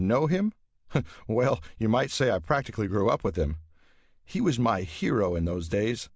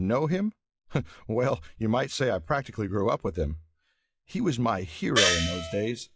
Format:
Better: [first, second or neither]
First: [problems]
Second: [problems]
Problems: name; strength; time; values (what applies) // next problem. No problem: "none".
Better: first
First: none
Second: noise reduction (classical method log-MMSE)